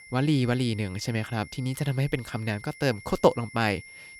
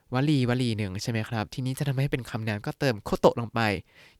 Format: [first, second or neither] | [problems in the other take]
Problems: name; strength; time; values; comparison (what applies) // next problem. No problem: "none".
second | high-pitched whine; noticeable; throughout; 2 kHz, 20 dB below the speech